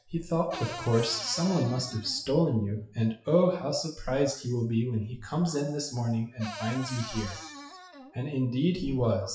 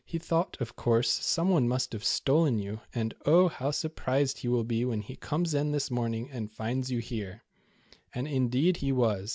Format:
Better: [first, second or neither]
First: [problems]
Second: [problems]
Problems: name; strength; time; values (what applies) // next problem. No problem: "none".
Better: second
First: noise reduction (classical method WPE with log-MMSE)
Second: none